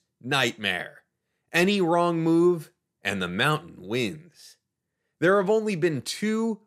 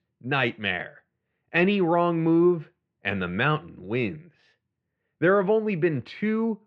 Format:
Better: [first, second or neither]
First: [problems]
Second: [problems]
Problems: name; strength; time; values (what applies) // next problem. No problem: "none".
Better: first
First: none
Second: muffled; very; fading above 2.5 kHz